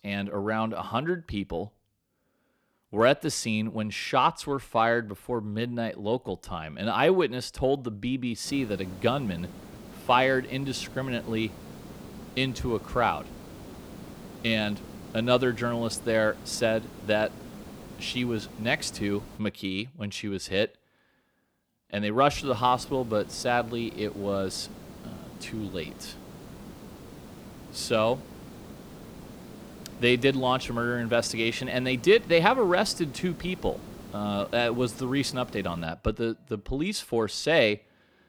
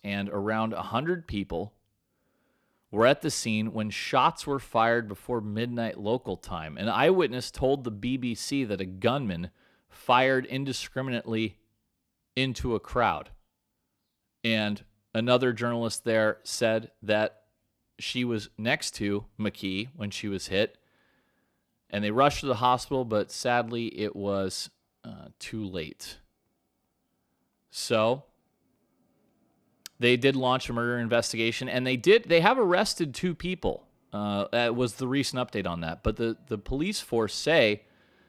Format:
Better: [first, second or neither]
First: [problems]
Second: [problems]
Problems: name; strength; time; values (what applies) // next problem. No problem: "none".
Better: second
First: hiss; noticeable; from 8.5 to 19 s and from 22 to 36 s; 15 dB below the speech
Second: none